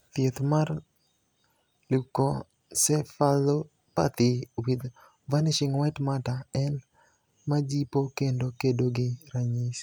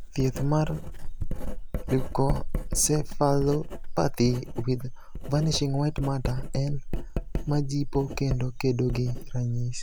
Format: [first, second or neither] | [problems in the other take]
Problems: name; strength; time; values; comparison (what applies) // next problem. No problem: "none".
first | background sound (Writing); 3 dB below the speech